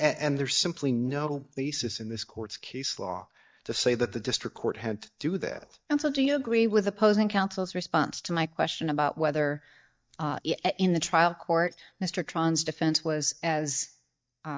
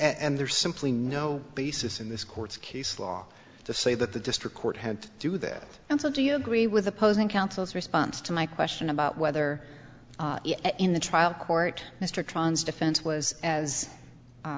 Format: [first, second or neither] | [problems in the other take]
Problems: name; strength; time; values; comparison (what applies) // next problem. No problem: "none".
second | noise reduction (neural mask model DeepFilterNet 3)